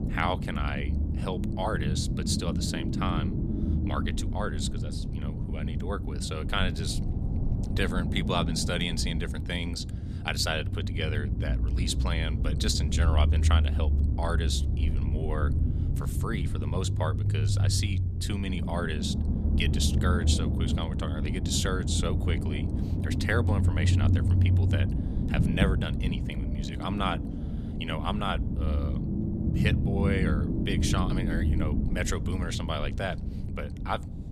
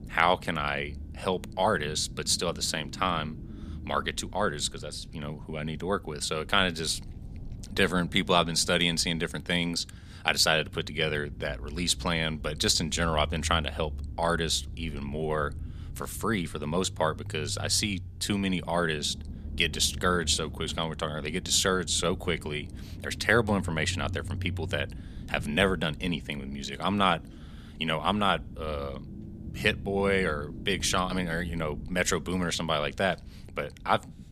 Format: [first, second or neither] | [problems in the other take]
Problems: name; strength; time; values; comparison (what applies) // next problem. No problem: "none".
second | low rumble; loud; throughout; 6 dB below the speech; faint in the second